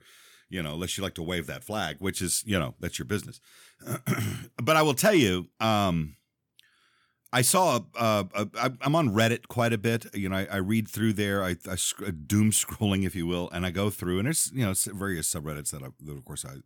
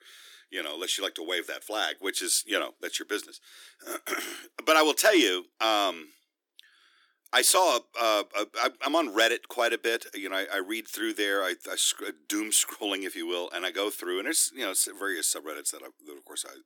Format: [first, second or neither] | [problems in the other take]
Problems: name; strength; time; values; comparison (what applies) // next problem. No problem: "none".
first | thin; very; fading below 300 Hz